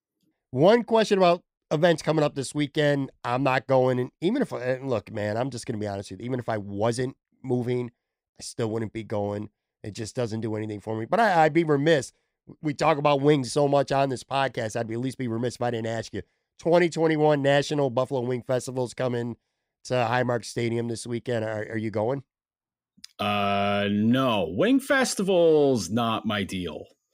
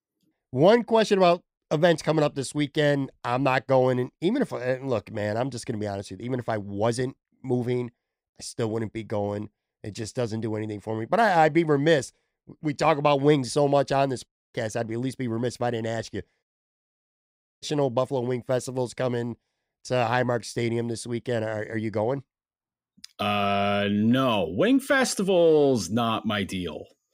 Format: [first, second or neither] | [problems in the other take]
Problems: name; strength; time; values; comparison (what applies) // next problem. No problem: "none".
first | audio cutting out; at 14 s and at 16 s for 1 s